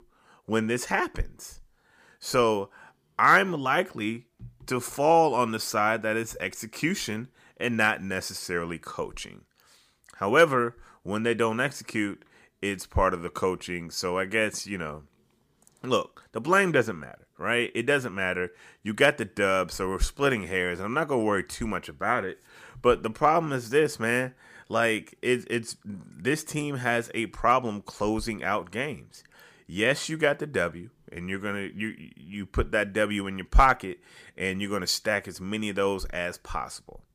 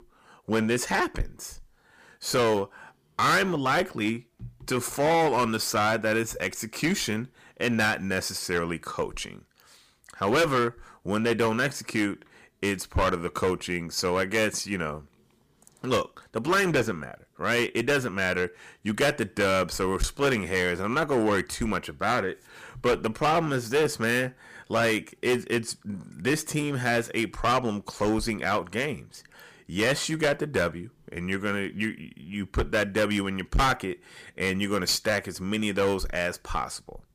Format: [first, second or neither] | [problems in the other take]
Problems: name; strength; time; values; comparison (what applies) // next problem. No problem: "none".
first | distortion; heavy; 9% of the sound clipped